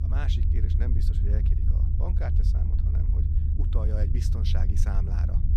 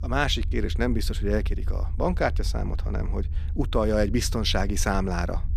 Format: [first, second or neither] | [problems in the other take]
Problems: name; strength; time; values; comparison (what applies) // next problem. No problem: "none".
second | low rumble; loud; throughout; 1 dB below the speech; faint in the second